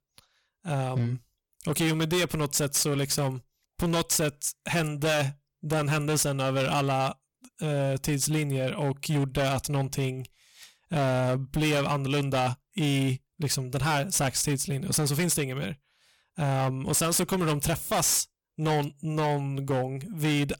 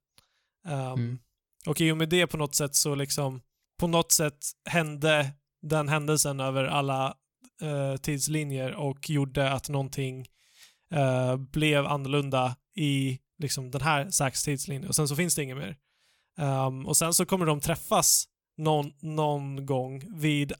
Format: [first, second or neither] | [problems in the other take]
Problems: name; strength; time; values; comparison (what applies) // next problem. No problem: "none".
second | distortion; heavy; 15% of the sound clipped